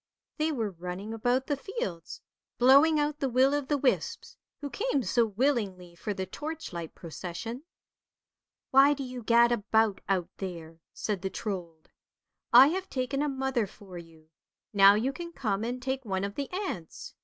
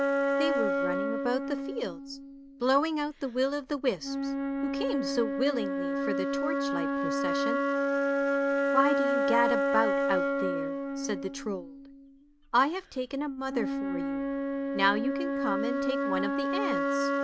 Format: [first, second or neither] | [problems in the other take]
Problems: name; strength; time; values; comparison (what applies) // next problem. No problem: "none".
first | background sound (Wind instrument, woodwind instrument); 3 dB above the speech